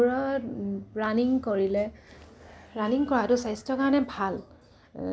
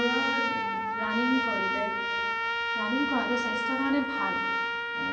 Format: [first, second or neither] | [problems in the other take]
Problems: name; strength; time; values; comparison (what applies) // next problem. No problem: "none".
first | background sound (Trumpet); 3 dB above the speech // room echo; dies away in 2.1 s